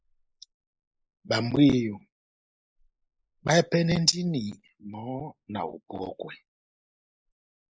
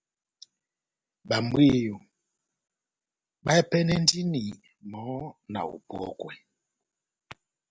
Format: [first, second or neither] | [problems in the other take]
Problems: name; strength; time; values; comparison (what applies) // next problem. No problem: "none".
second | noise reduction (neural mask model Resemble Enhance denoiser)